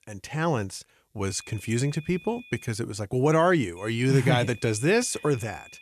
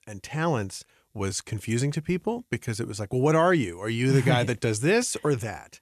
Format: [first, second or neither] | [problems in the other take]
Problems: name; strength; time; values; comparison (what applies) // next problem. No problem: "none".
second | high-pitched whine; faint; from 1.5 to 2.5 s and from 4 s on; 2.5 kHz, 20 dB below the speech